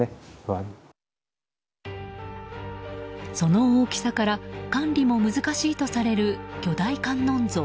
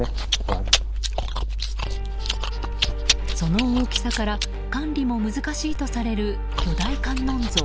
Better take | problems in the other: first | background sound (Chewing, mastication); 3 dB above the speech

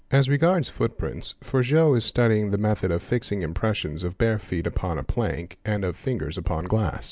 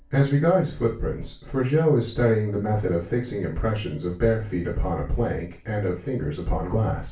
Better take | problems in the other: first | room echo; dies away in 0.3 s

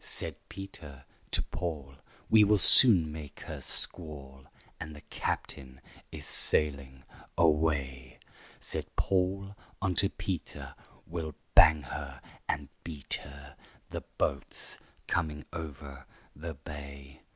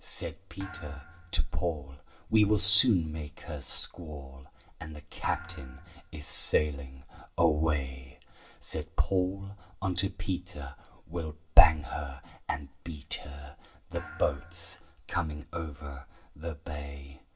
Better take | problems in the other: first | background sound (Thump, thud); 19 dB below the speech // room echo; dies away in 0.2 s

